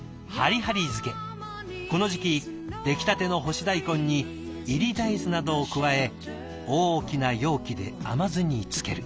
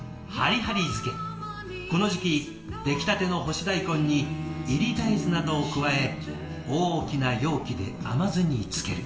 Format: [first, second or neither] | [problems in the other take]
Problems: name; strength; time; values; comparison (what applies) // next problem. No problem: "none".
first | background sound (Bowed string instrument); 12 dB below the speech // room echo; dies away in 1.6 s